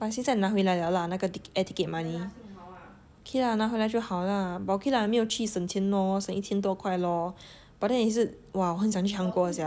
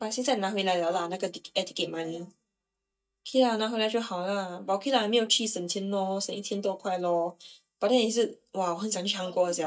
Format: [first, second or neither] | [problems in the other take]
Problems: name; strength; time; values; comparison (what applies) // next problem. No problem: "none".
first | noise reduction (neural mask model DeepFilterNet 3)